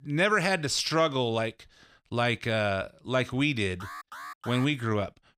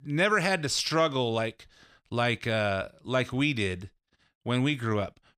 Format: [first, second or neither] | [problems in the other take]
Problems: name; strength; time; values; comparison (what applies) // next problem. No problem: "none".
second | alarm; faint; at 4 s; peak 15 dB below the speech